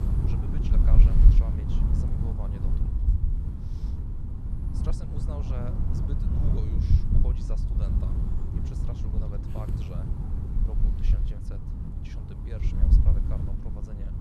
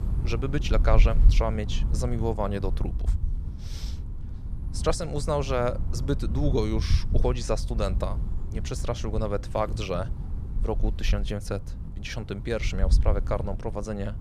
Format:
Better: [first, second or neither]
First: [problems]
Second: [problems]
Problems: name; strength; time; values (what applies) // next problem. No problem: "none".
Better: second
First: wind noise on the microphone; heavy; 4 dB above the speech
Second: wind noise on the microphone; occasional gusts; 15 dB below the speech